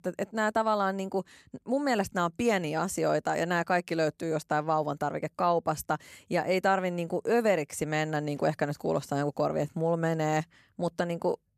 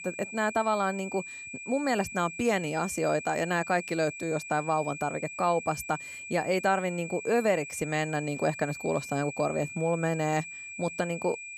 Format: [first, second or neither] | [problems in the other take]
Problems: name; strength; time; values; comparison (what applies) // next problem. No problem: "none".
first | high-pitched whine; loud; throughout; 2.5 kHz, 10 dB below the speech